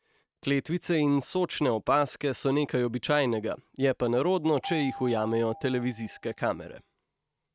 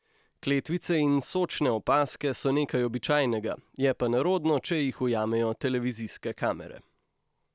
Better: second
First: noise reduction (neural mask model RNNoise)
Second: none

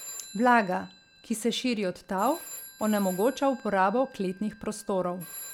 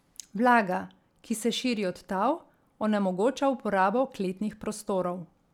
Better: second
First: background sound (Telephone); 18 dB below the speech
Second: none

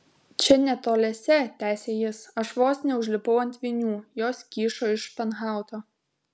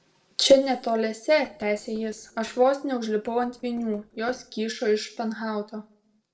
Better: first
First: none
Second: noise reduction (neural separator model SepFormer DNS4)

